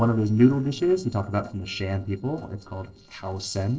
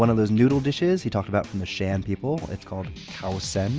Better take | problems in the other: second | noise reduction (neural separator model SepFormer DNS4)

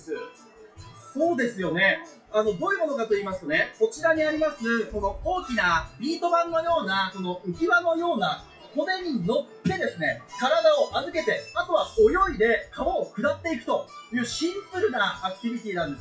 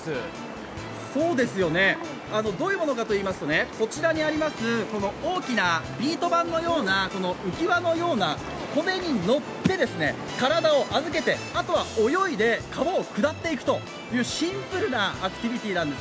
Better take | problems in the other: second | noise reduction (classical method WPE with log-MMSE)

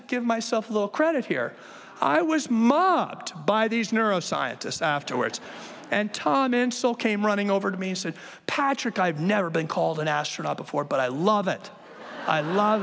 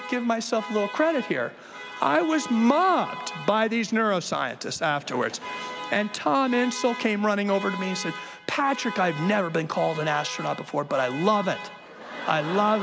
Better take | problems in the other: first | background sound (Alarm); 13 dB below the speech

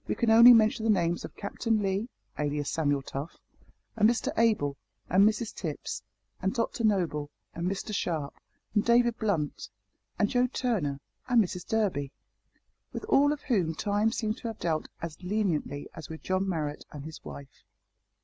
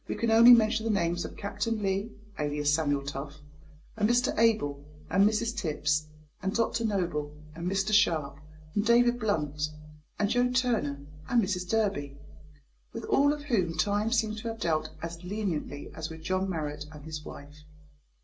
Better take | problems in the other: first | room echo; dies away in 0.2 s

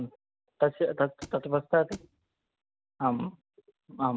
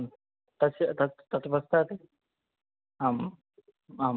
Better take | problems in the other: second | background sound (Thump, thud); 17 dB below the speech

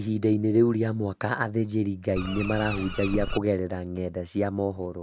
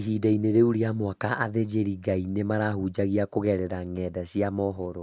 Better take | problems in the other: second | background sound (Bird); 7 dB below the speech

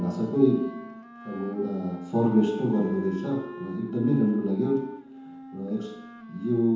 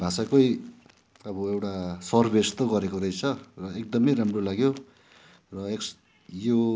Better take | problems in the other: second | background sound (Wind instrument, woodwind instrument); 15 dB below the speech // room echo; dies away in 1 s

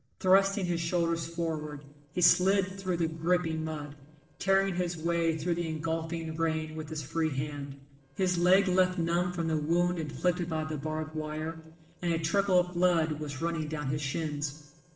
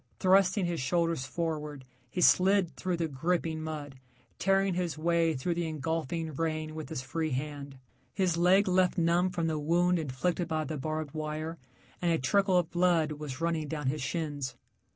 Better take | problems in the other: second | noise reduction (neural separator model SepFormer DNS4)

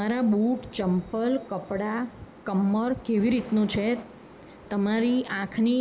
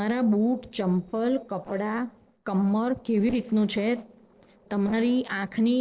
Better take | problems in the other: first | noise reduction (neural separator model SepFormer DNS4)

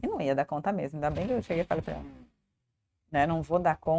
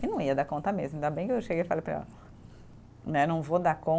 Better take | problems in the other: second | noise reduction (neural mask model RNNoise)

